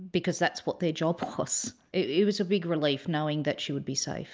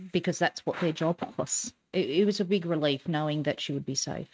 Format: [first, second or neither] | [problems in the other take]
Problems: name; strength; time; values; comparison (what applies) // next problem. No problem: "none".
first | noise reduction (neural mask model RNNoise)